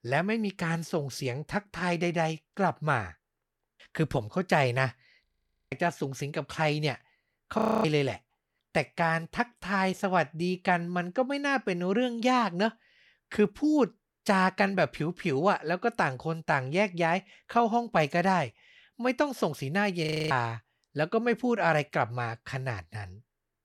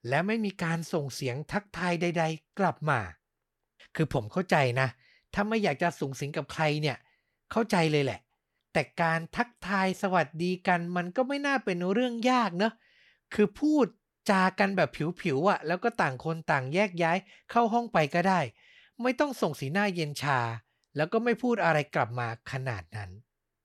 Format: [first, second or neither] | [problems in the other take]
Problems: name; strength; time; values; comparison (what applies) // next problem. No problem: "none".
second | audio freezing; at 5.5 s, at 7.5 s and at 20 s